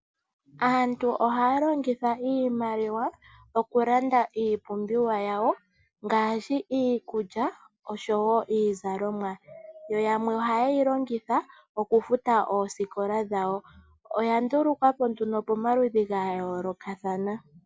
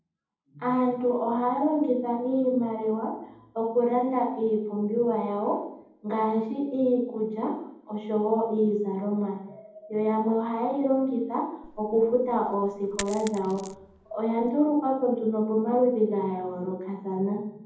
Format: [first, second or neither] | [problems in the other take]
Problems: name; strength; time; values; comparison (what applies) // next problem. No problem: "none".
first | background sound (Coin (dropping)); 18 dB below the speech // room echo; dies away in 0.8 s